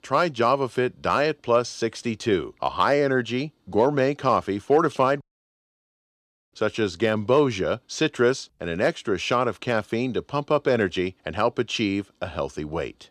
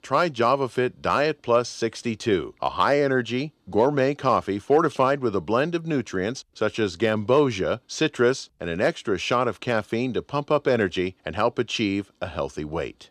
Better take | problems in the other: second | audio cutting out; at 5 s for 1.5 s

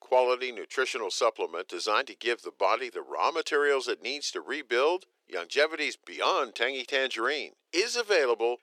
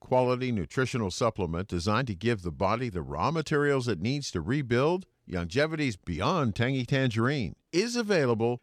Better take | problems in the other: second | thin; very; fading below 350 Hz

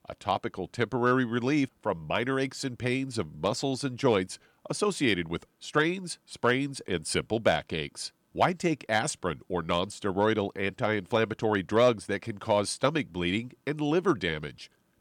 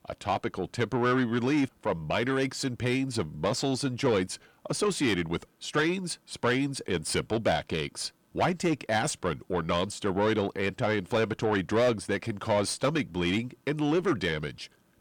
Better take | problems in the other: first | distortion; slight; 10 dB below the speech

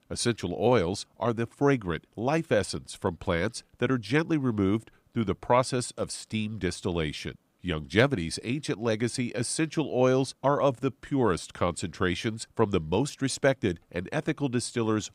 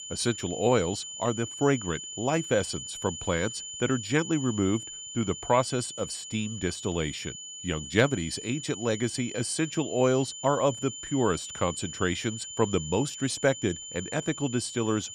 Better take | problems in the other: first | high-pitched whine; loud; throughout; 7 kHz, 9 dB below the speech

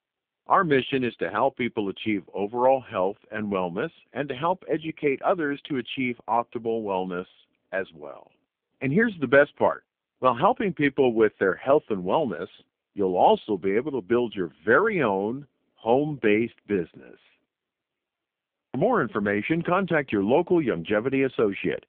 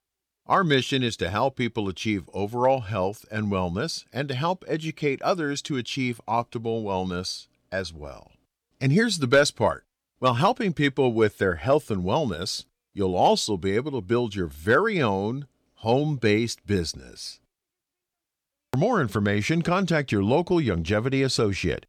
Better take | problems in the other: second | phone-call audio; poor line

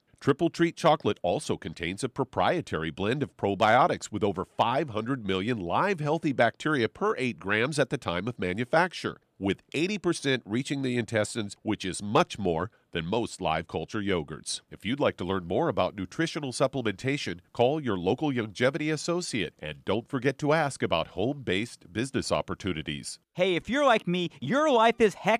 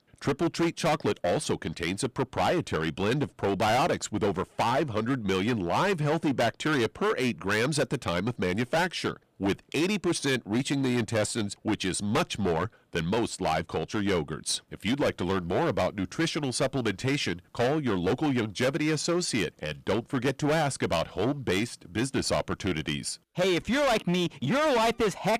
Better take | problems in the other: first | distortion; heavy; 14% of the sound clipped

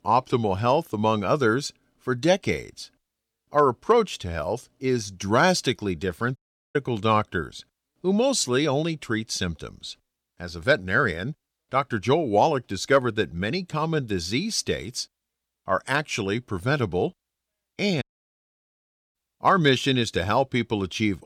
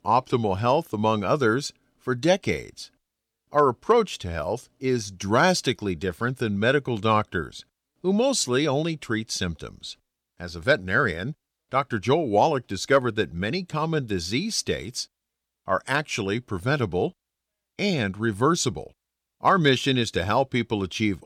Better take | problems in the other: second | audio cutting out; at 6.5 s and at 18 s for 1 s

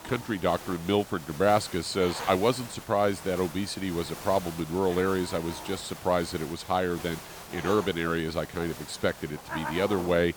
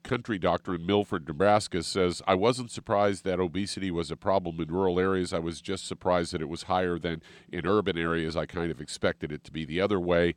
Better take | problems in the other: second | hiss; noticeable; throughout; 10 dB below the speech

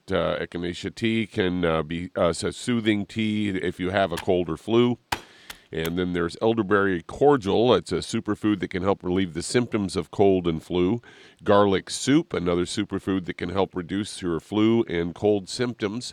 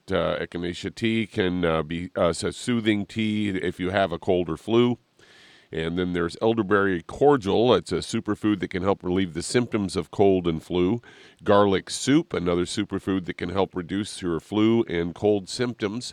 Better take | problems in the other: second | keyboard typing; noticeable; from 4 to 6 s; peak 8 dB below the speech

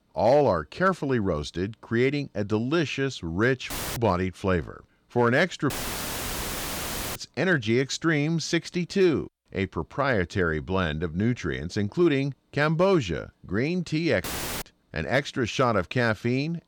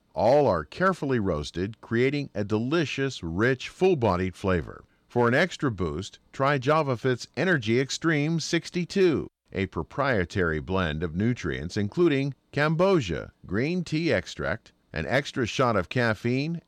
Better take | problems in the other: second | audio cutting out; filled with static; at 3.5 s, at 5.5 s for 1.5 s and at 14 s

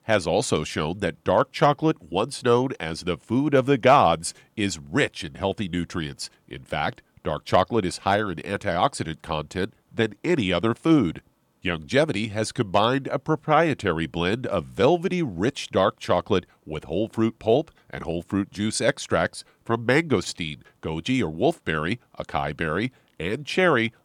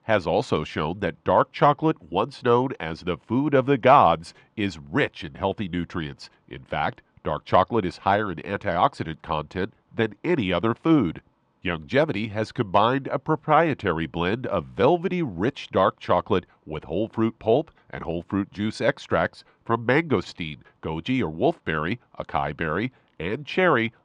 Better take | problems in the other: first | muffled; slightly; fading above 3.5 kHz

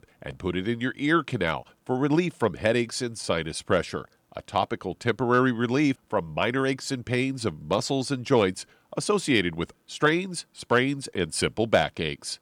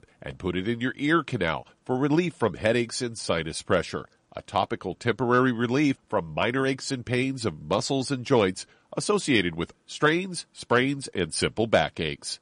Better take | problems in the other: first | garbled, watery; slightly; nothing above 9.5 kHz

